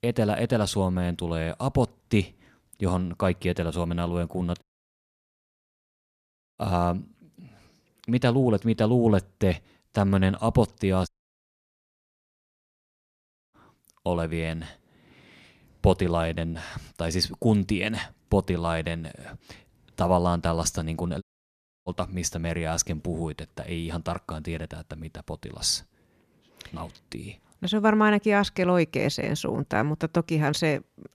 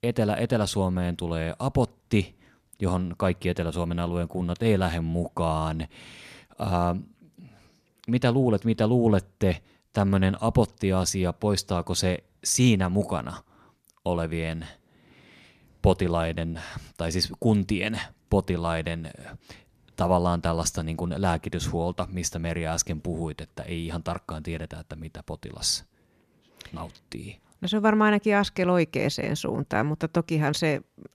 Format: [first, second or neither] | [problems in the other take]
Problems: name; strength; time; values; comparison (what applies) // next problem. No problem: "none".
second | audio cutting out; at 4.5 s for 2 s, at 11 s for 2.5 s and at 21 s for 0.5 s